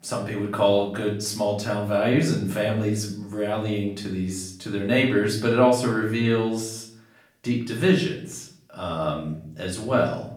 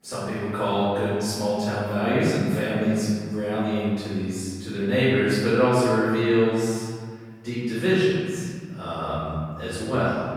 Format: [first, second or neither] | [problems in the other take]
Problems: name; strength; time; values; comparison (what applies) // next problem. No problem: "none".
first | room echo; strong; dies away in 2.2 s; slight in the first // off-mic speech; far; far in the first